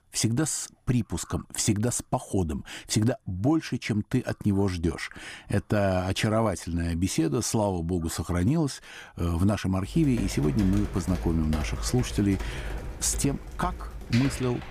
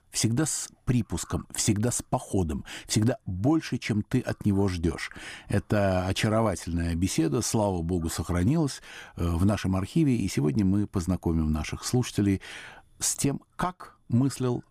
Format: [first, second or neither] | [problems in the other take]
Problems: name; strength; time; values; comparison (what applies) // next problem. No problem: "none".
second | keyboard typing; noticeable; from 10 s on; peak 7 dB below the speech